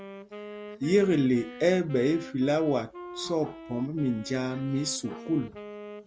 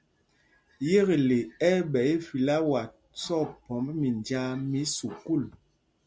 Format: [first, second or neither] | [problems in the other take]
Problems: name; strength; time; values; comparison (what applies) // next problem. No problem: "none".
second | background sound (Wind instrument, woodwind instrument); 15 dB below the speech